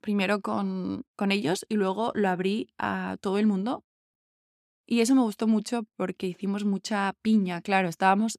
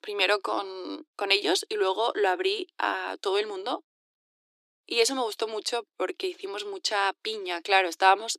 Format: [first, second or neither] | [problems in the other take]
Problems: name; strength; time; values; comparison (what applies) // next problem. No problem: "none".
first | thin; very; fading below 300 Hz